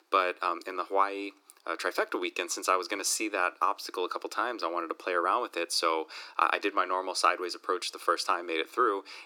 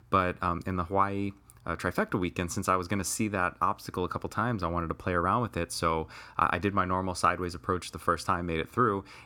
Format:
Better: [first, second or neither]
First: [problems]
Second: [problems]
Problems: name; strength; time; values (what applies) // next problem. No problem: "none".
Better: second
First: thin; very; fading below 300 Hz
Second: none